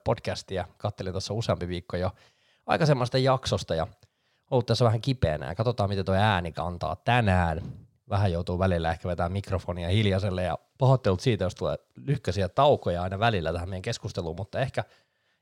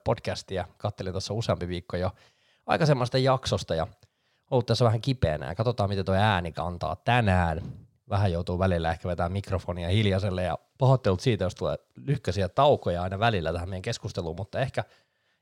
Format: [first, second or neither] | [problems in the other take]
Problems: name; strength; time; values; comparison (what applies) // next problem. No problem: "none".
neither | none